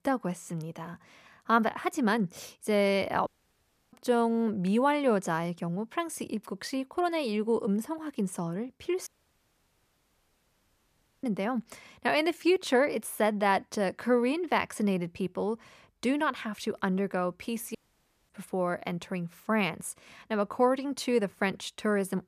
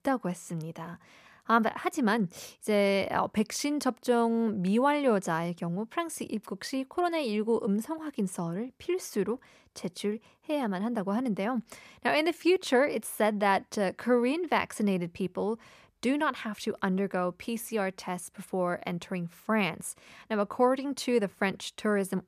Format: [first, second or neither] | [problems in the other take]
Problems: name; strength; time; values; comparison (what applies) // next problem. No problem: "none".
second | audio cutting out; at 3.5 s for 0.5 s, at 9 s for 2 s and at 18 s for 0.5 s